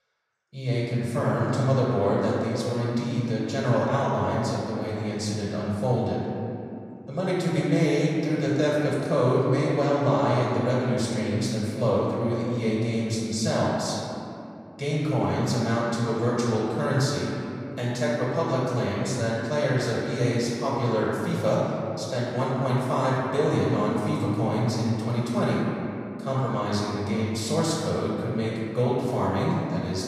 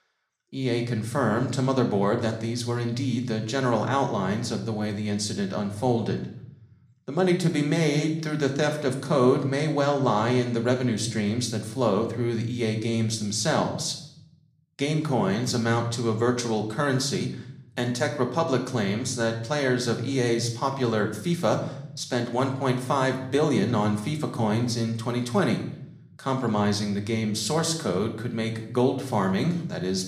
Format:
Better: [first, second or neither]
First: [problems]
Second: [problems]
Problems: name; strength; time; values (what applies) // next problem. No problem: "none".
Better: second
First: room echo; strong; dies away in 2.7 s // off-mic speech; far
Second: room echo; slight; dies away in 0.6 s